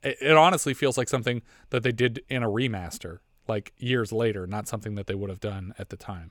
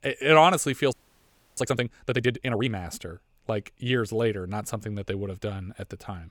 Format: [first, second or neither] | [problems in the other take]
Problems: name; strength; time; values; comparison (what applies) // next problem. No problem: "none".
first | audio freezing; at 1 s for 0.5 s